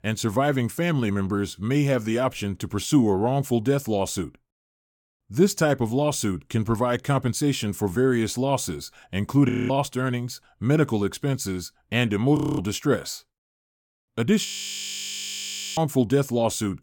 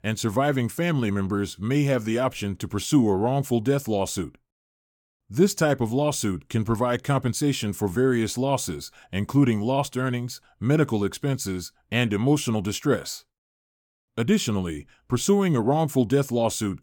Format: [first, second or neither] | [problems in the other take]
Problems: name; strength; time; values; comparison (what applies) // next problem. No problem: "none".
second | audio freezing; at 9.5 s, at 12 s and at 14 s for 1.5 s